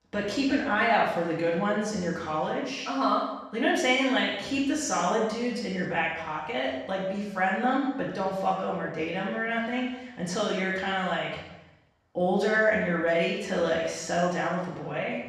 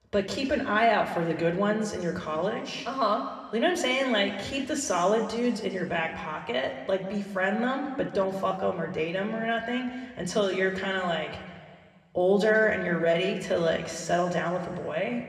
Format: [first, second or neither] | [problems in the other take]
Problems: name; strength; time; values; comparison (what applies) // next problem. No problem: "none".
second | room echo; strong; dies away in 0.9 s; slight in the second // off-mic speech; far